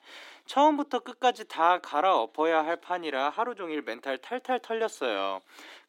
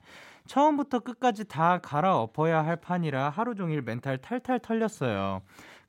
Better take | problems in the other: second | thin; somewhat; fading below 300 Hz

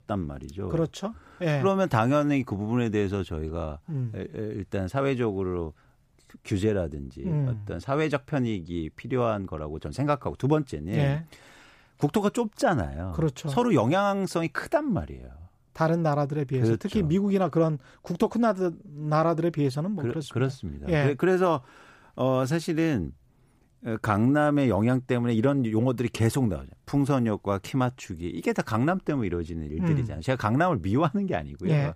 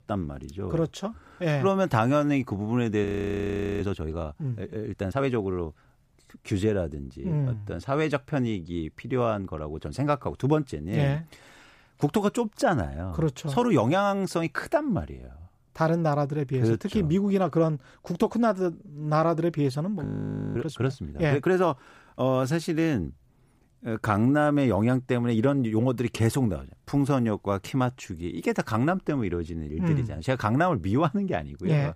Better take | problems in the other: first | audio freezing; at 3 s for 1 s and at 20 s for 0.5 s

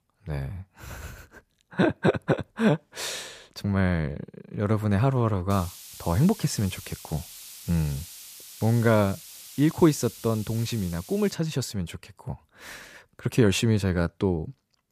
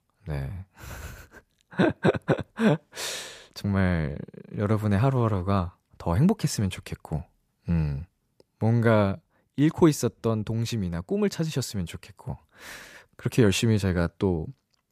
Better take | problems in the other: second | hiss; noticeable; from 5.5 to 11 s; 15 dB below the speech

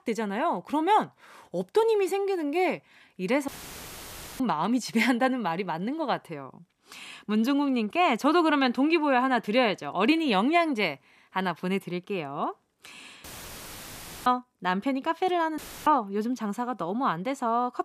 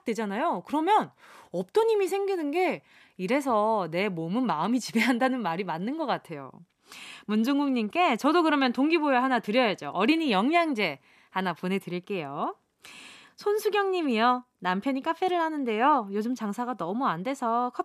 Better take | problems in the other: second | audio cutting out; filled with static; at 3.5 s for 1 s, at 13 s for 1 s and at 16 s

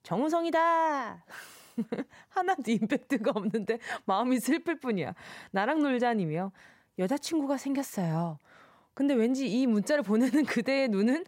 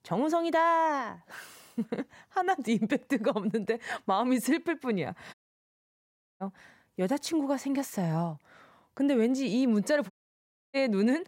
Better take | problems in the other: first | audio cutting out; at 5.5 s for 1 s and at 10 s for 0.5 s

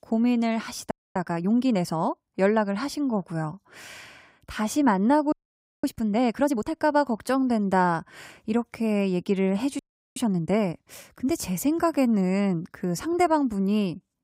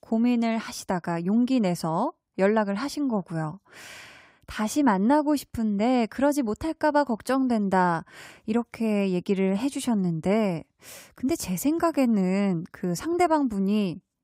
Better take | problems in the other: second | audio freezing; at 1 s, at 5.5 s for 0.5 s and at 10 s

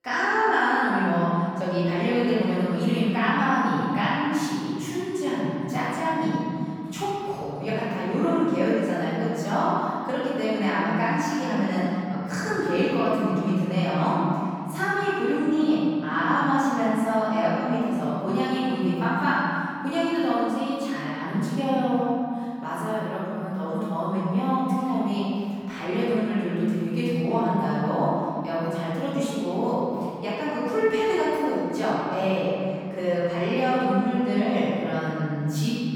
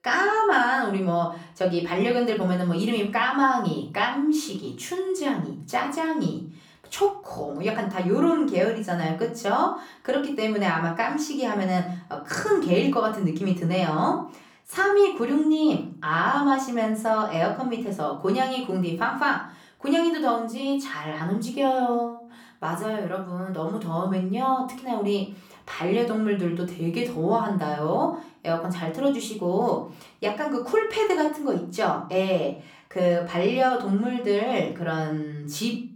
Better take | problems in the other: second | room echo; strong; dies away in 3 s; slight in the second // off-mic speech; far; far in the second

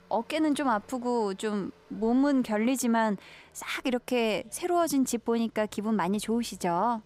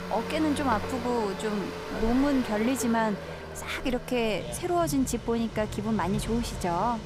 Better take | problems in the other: first | traffic noise; loud; throughout; 8 dB below the speech; faint in the first

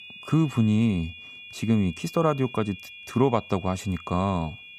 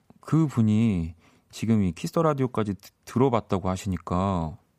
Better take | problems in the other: second | high-pitched whine; noticeable; throughout; 2.5 kHz, 15 dB below the speech

